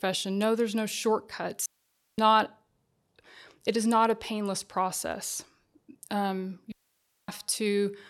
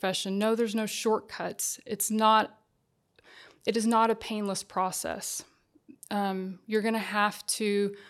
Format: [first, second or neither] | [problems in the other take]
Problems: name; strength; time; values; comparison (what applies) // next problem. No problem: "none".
second | audio cutting out; at 1.5 s for 0.5 s and at 6.5 s for 0.5 s